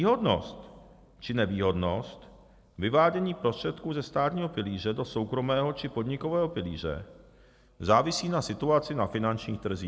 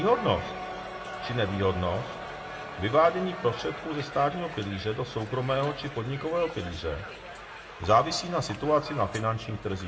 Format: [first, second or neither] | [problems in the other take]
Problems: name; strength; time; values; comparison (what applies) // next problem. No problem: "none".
first | background sound (Crowd); 11 dB below the speech // room echo; dies away in 0.4 s